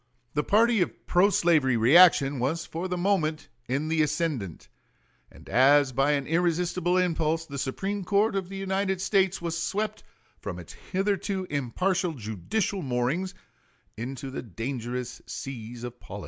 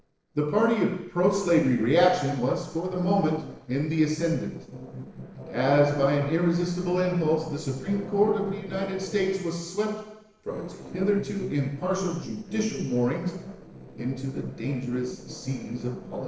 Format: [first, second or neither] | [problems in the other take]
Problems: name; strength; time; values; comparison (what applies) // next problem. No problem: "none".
first | noise reduction (neural separator model SepFormer DNS4)